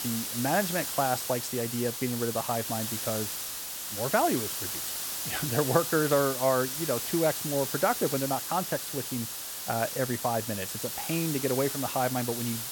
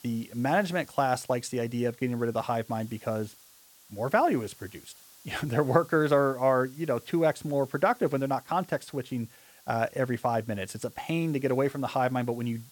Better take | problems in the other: second | hiss; loud; throughout; 3 dB below the speech; faint in the second

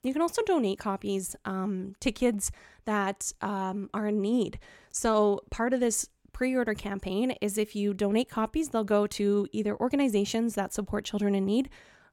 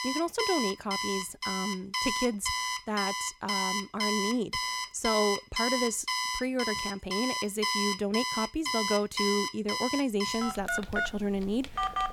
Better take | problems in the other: first | alarms or sirens; very loud; throughout; 1 dB above the speech

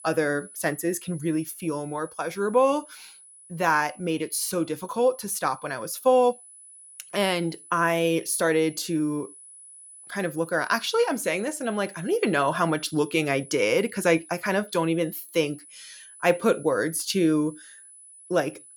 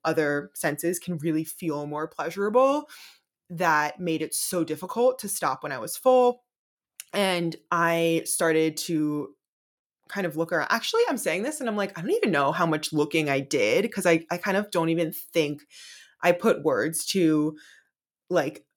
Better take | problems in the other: second | high-pitched whine; noticeable; throughout; 10 kHz, 20 dB below the speech

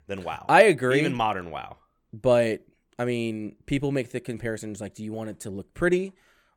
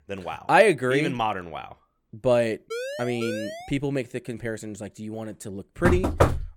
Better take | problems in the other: first | siren; noticeable; from 2.5 to 3.5 s; peak 7 dB below the speech // door banging; loud; at 6 s; peak 3 dB above the speech

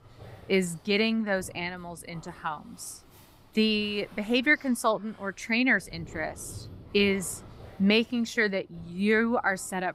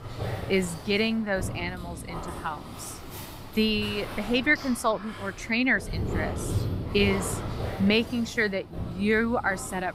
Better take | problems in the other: first | animal sounds; loud; throughout; 9 dB below the speech; faint in the first

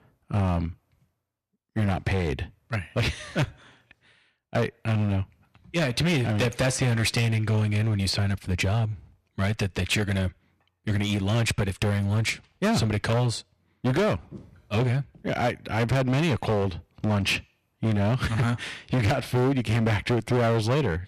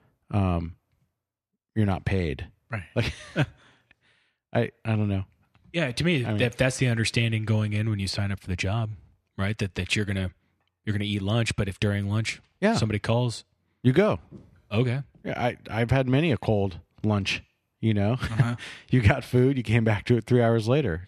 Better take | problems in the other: second | distortion; heavy; 14% of the sound clipped

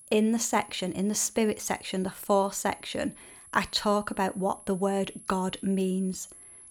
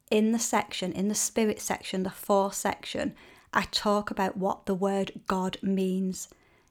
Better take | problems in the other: second | high-pitched whine; noticeable; throughout; 11 kHz, 20 dB below the speech

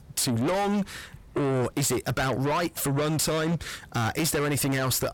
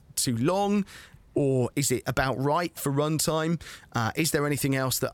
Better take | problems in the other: second | distortion; heavy; 6 dB below the speech

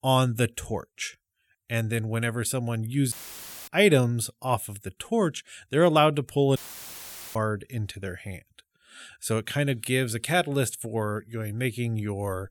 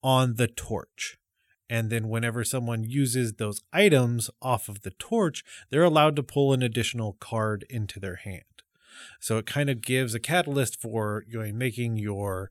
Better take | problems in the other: second | audio cutting out; filled with static; at 3 s for 0.5 s and at 6.5 s for 1 s

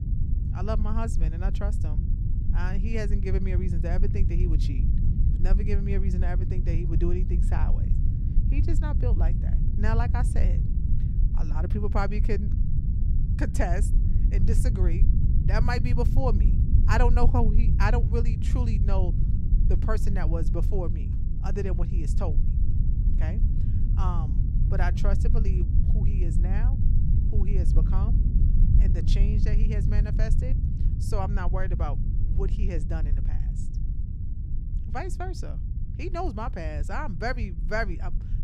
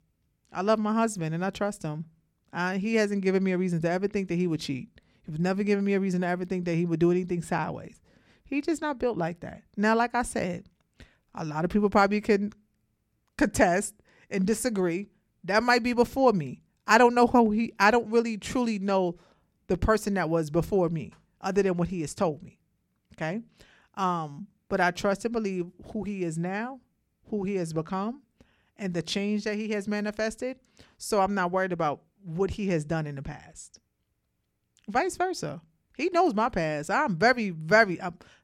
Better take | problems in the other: second | low rumble; loud; throughout; 7 dB below the speech

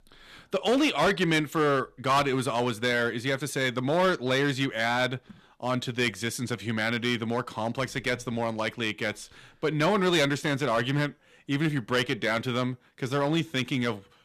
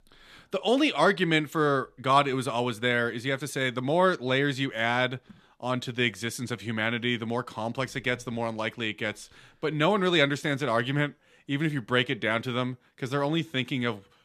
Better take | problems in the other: second | distortion; slight; 5% of the sound clipped

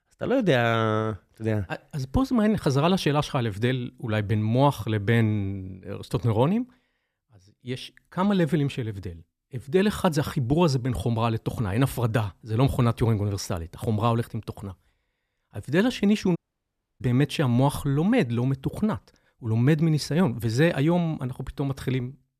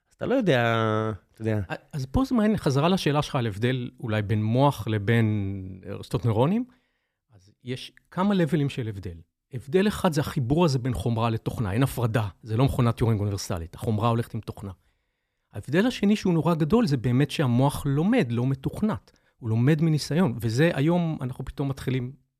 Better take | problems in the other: second | audio cutting out; at 16 s for 0.5 s

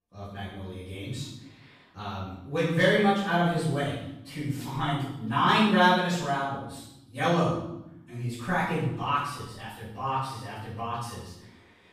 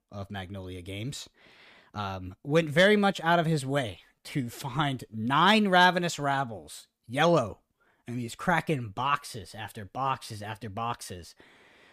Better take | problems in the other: second | off-mic speech; far // room echo; strong; dies away in 0.8 s

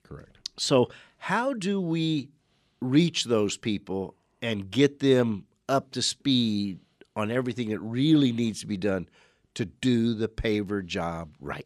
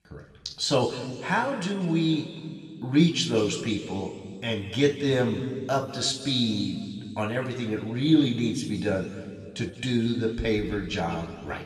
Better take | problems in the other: first | room echo; noticeable; dies away in 1.9 s // off-mic speech; somewhat distant

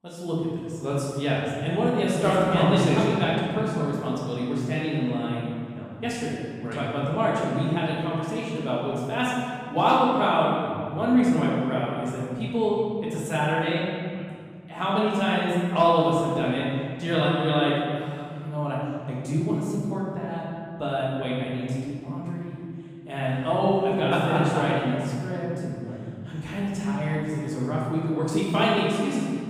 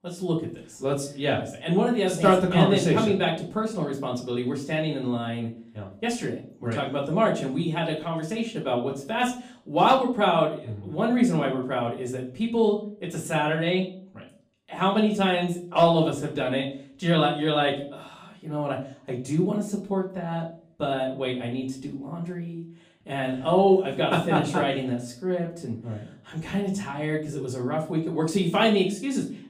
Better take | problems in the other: second | room echo; strong; dies away in 2.3 s; slight in the second // off-mic speech; far; far in the second

